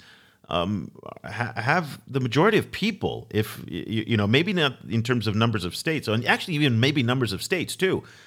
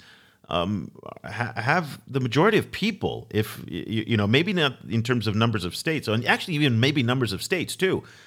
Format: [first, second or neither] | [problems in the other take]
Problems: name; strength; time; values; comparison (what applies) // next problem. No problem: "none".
neither | none